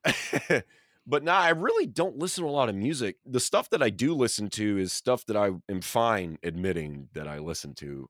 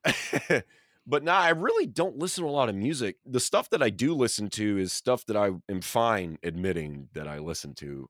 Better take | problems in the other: neither | none

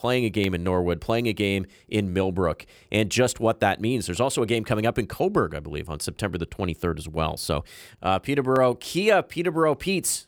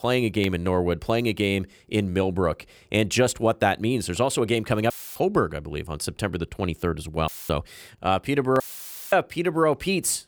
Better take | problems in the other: first | audio cutting out; filled with static; at 5 s, at 7.5 s and at 8.5 s for 0.5 s

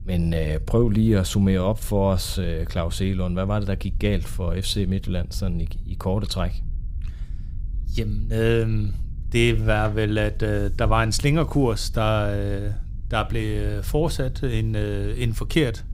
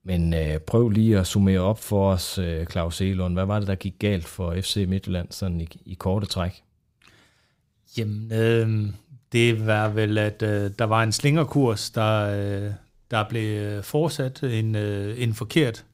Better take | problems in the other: second | low rumble; faint; throughout; 25 dB below the speech

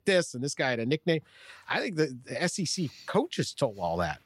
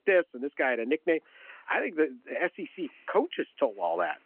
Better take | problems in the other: first | phone-call audio

